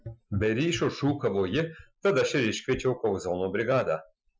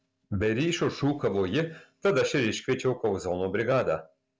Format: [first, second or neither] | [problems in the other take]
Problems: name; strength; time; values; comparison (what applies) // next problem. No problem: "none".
second | noise reduction (classical method Wiener filter)